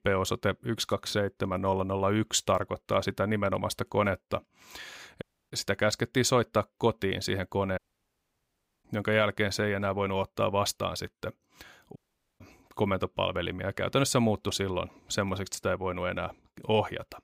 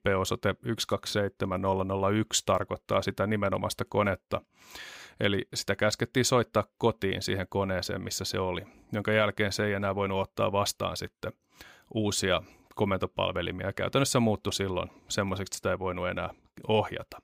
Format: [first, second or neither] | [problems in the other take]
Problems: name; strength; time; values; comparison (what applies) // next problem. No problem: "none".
second | audio cutting out; at 5 s, at 8 s for 1 s and at 12 s